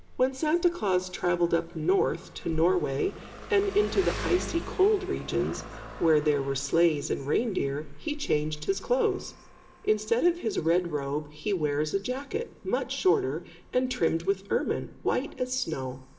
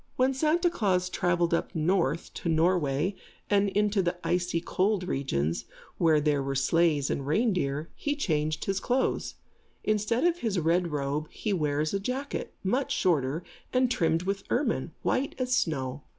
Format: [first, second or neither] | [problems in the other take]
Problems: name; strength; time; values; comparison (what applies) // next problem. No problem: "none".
second | background sound (Engine); 17 dB below the speech // room echo; dies away in 1.2 s